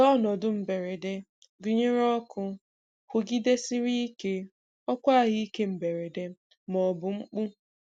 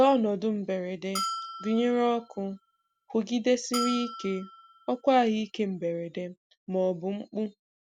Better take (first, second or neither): first